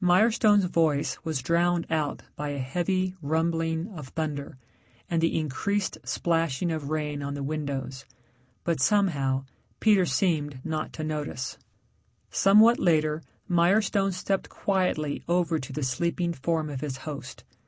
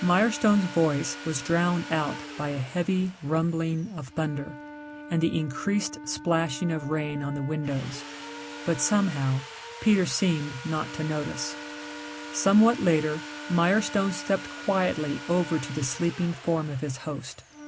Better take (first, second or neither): first